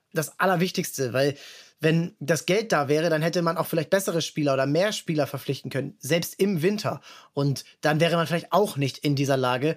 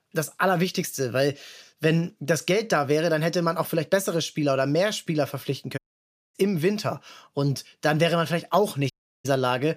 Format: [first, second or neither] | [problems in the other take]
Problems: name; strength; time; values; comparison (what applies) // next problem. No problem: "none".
first | audio cutting out; at 6 s for 0.5 s and at 9 s